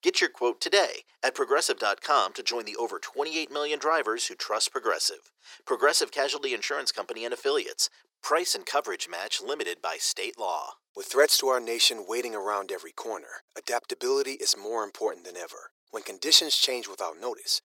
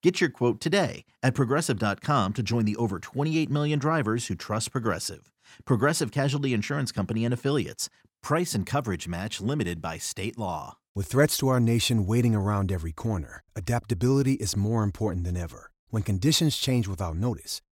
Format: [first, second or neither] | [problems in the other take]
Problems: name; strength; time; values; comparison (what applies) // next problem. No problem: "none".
second | thin; very; fading below 400 Hz